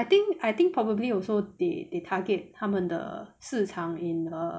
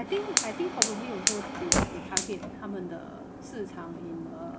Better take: first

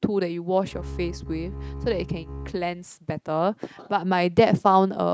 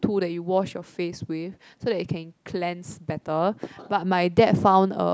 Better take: second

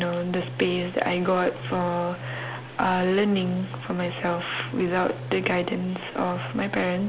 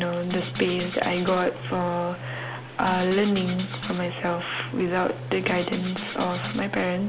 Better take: first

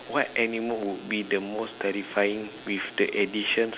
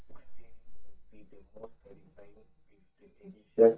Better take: first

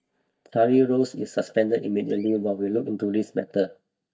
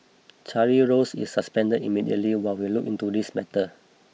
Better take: second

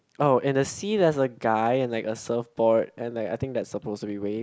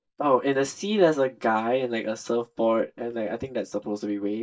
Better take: first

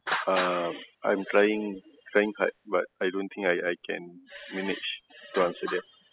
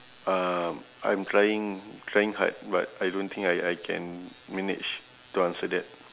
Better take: second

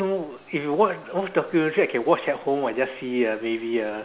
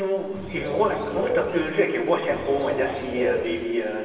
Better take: first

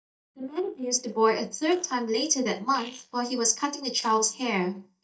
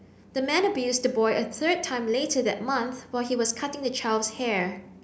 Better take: second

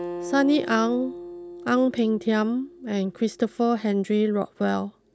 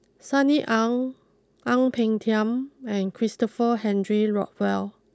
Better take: second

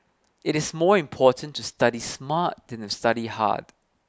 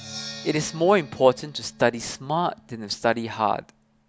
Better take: first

